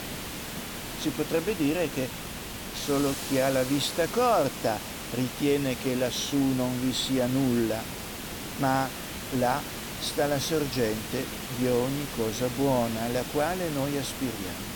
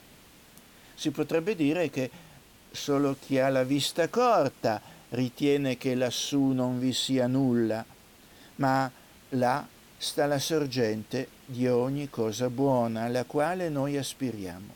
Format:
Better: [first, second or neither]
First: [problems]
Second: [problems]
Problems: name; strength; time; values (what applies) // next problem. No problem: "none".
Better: second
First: hiss; loud; throughout; 7 dB below the speech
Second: hiss; faint; throughout; 25 dB below the speech